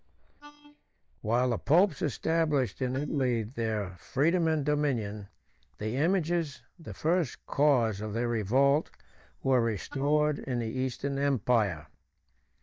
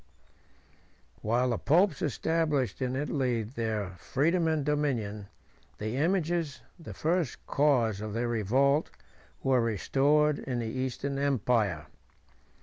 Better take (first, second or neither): second